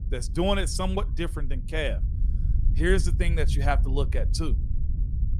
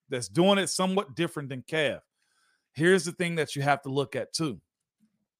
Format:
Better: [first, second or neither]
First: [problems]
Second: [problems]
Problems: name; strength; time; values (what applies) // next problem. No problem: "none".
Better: second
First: wind noise on the microphone; occasional gusts; 15 dB below the speech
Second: none